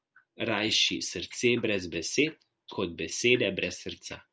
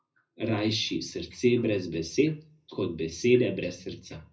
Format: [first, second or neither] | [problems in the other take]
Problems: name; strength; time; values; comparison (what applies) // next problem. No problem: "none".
first | room echo; dies away in 0.4 s